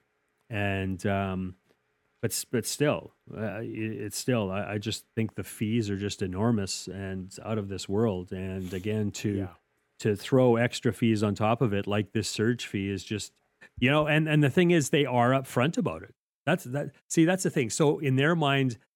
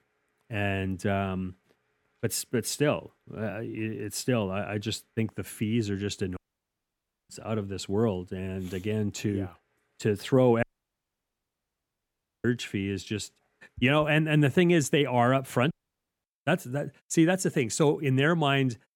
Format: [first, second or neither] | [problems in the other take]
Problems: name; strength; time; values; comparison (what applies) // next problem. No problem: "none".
first | audio cutting out; at 6.5 s for 1 s, at 11 s for 2 s and at 16 s for 0.5 s